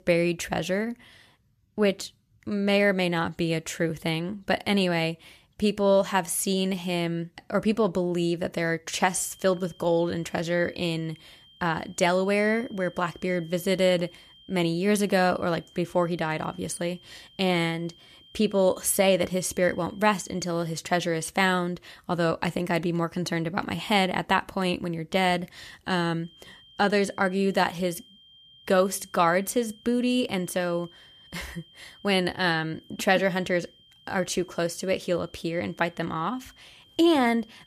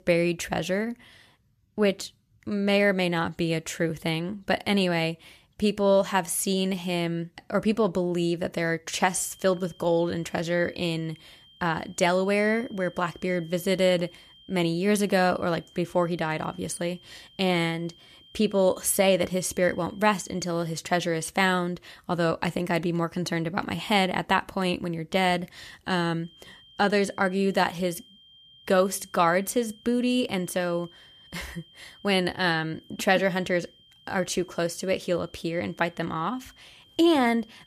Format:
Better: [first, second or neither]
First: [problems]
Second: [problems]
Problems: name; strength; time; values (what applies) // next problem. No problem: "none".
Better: neither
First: high-pitched whine; faint; from 9 to 20 s and from 26 s on; 3 kHz, 25 dB below the speech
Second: high-pitched whine; faint; from 9 to 20 s and from 26 s on; 3 kHz, 25 dB below the speech